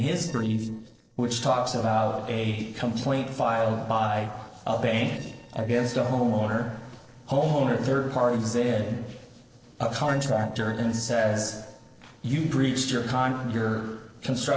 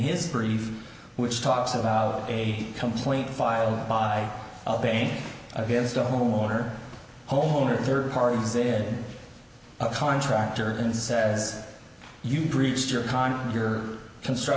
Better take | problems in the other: second | noise reduction (neural separator model SepFormer DNS4)

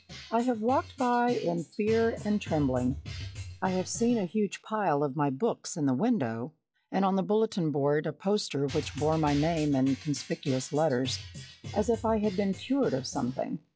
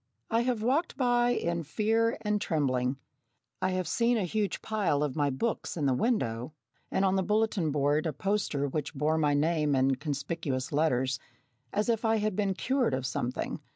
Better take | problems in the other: second | noise reduction (classical method log-MMSE)

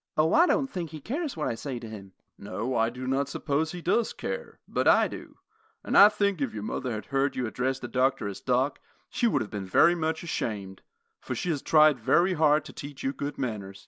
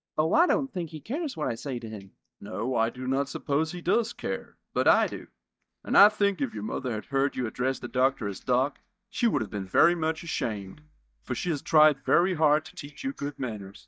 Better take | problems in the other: first | noise reduction (neural mask model DeepFilterNet 3)

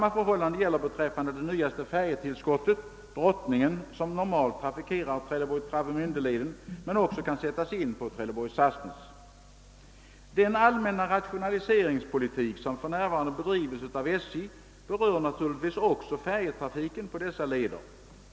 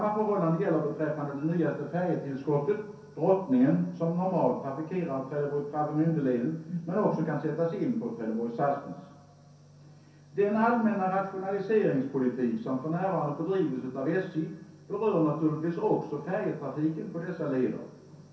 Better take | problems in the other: first | room echo; dies away in 0.6 s

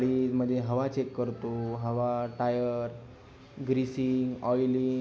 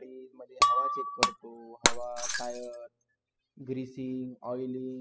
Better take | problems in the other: first | noise reduction (classical method spectral subtraction)

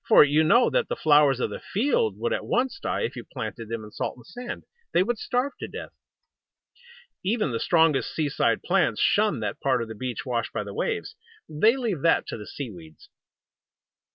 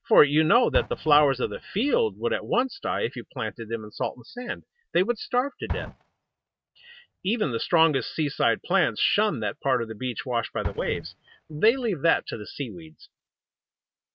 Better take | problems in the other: first | noise reduction (neural mask model RNNoise)

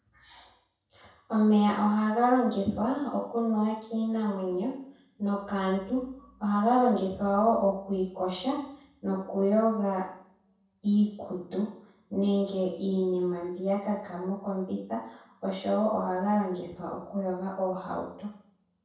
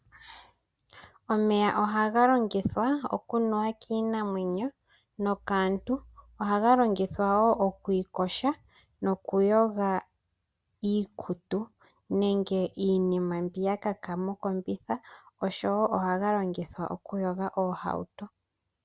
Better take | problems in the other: second | room echo; dies away in 0.6 s

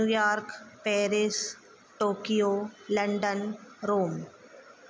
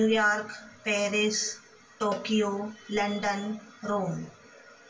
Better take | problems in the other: first | background sound (Cowbell); 17 dB below the speech // room echo; dies away in 0.2 s

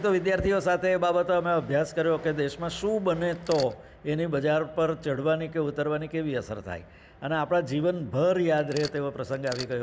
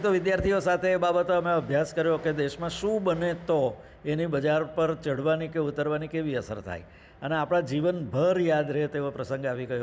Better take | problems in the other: second | background sound (Mechanisms); 14 dB below the speech

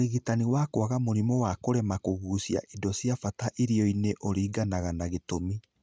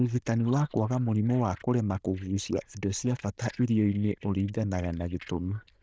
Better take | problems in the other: first | noise reduction (neural diffusion model UNIVERSE++)

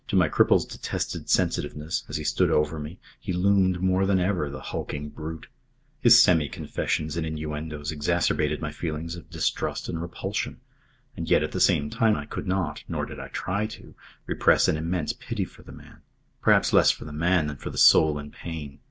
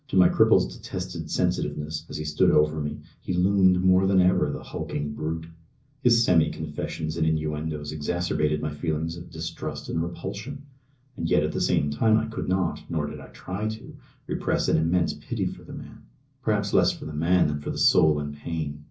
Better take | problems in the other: first | room echo; dies away in 0.5 s

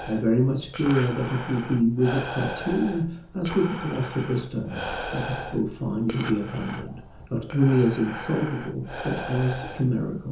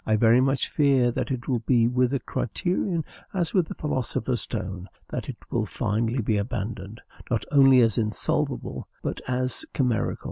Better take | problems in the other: second | background sound (Breathing); 10 dB below the speech // room echo; dies away in 0.6 s

